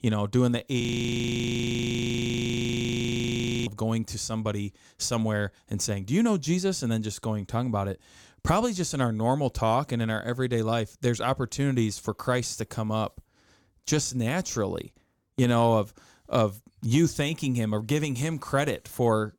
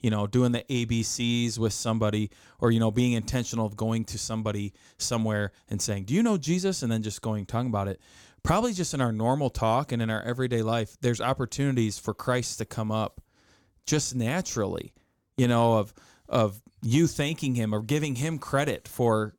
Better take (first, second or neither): second